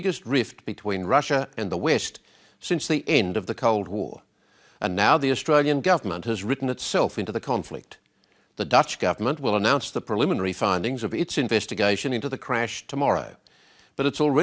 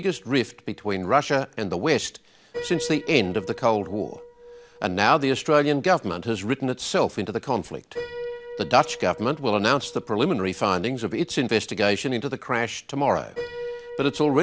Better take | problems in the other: first | background sound (Piano); 16 dB below the speech

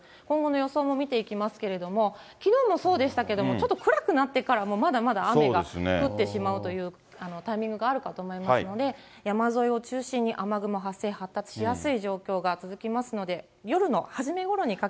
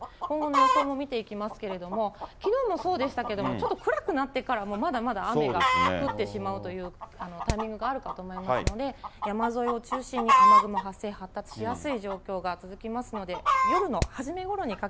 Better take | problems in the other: first | background sound (Hammer + Chicken, rooster); 1 dB above the speech

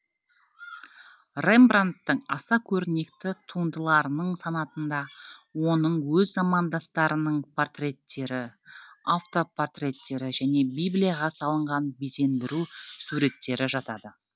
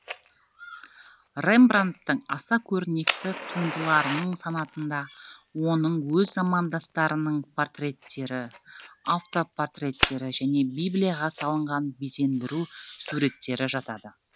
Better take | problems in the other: first | background sound (Fire); 12 dB below the speech

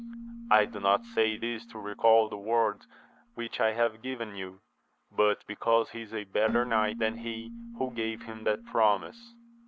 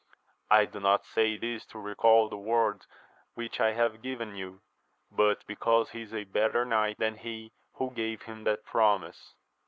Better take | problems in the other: second | background sound (Keyboard (musical)); 14 dB below the speech

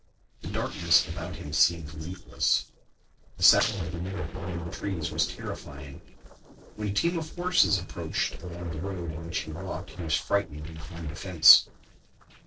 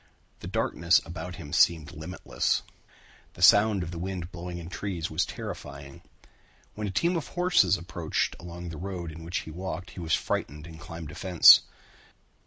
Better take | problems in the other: second | noise reduction (neural separator model SepFormer DNS4)

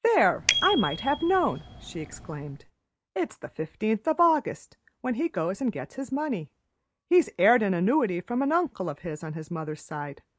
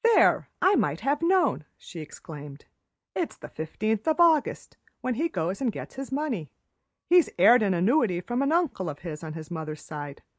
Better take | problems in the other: second | background sound (Bicycle bell); 6 dB below the speech

